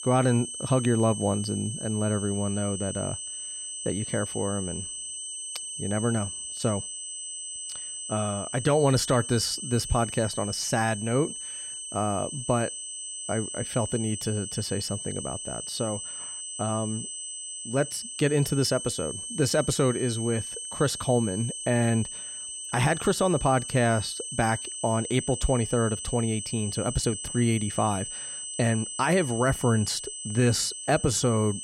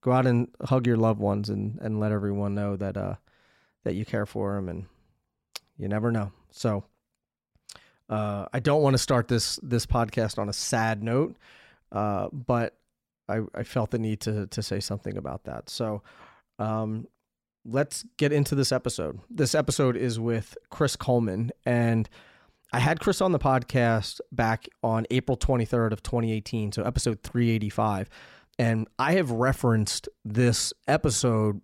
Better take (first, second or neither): second